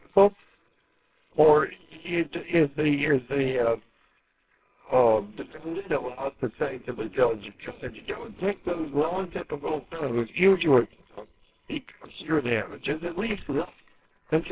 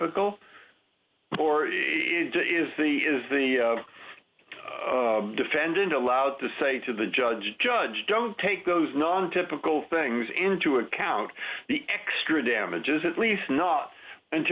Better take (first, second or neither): second